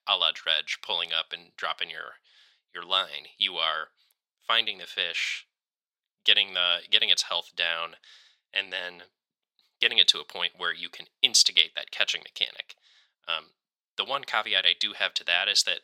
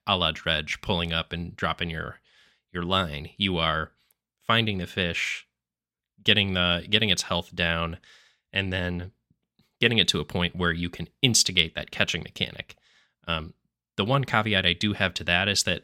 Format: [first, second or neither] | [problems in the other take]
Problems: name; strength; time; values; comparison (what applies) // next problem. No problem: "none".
second | thin; very; fading below 700 Hz